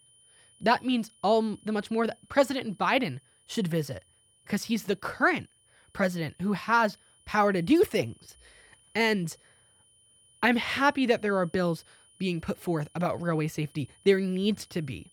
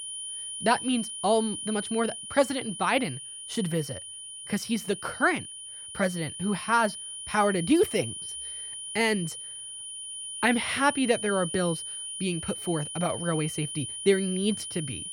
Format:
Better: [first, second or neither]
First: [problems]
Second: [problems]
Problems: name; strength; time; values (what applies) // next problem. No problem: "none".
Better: first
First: high-pitched whine; faint; throughout; 9.5 kHz, 30 dB below the speech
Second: high-pitched whine; loud; throughout; 9.5 kHz, 7 dB below the speech